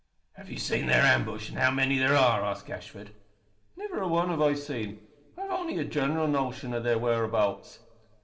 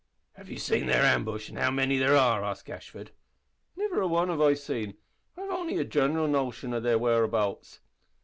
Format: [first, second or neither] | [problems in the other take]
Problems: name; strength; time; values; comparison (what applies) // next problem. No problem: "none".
second | room echo; dies away in 0.7 s